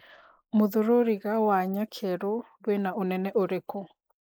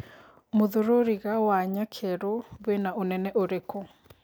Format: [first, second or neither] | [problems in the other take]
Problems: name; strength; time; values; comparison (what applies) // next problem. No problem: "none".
second | noise reduction (neural mask model Resemble Enhance denoiser)